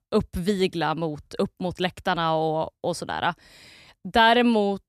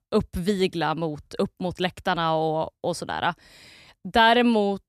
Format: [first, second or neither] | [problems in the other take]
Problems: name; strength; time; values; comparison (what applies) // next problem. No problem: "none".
neither | none